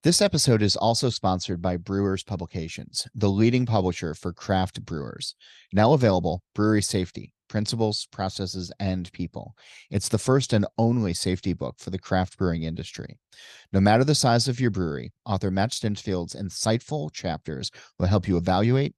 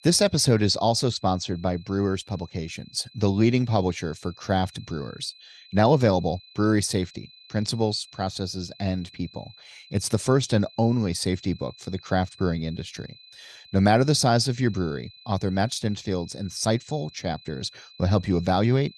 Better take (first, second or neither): first